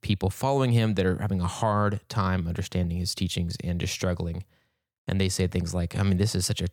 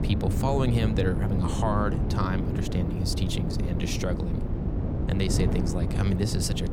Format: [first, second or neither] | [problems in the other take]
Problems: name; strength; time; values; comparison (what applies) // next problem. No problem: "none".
first | wind noise on the microphone; heavy; 5 dB below the speech